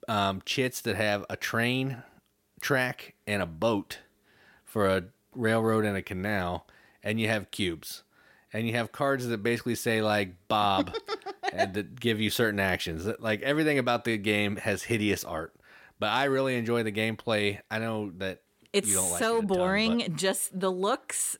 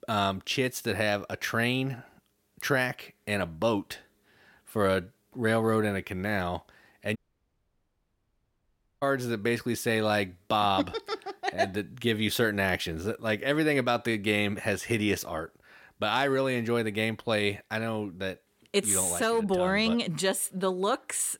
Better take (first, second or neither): first